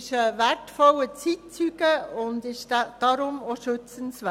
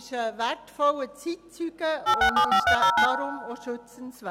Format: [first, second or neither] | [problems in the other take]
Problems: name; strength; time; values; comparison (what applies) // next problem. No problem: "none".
first | background sound (Telephone); 3 dB above the speech